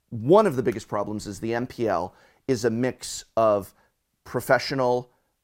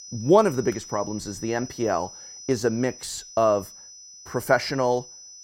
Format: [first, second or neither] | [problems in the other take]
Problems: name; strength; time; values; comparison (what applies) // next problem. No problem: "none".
first | high-pitched whine; noticeable; throughout; 6 kHz, 15 dB below the speech